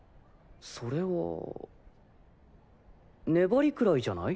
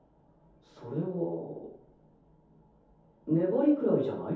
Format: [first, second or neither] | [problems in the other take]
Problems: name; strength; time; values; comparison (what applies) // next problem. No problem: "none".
first | room echo; dies away in 0.6 s